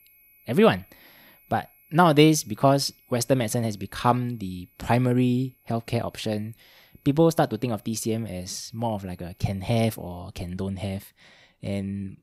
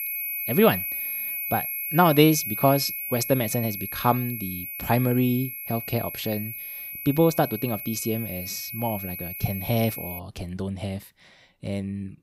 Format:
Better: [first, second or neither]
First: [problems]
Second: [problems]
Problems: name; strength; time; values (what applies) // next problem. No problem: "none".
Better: first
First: high-pitched whine; faint; until 10 s; 11.5 kHz, 35 dB below the speech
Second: high-pitched whine; loud; until 10 s; 11.5 kHz, 5 dB below the speech